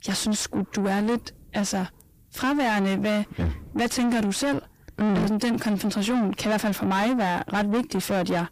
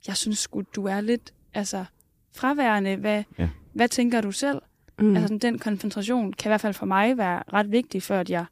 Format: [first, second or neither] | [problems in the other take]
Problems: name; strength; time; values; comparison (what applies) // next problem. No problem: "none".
second | distortion; heavy; 5 dB below the speech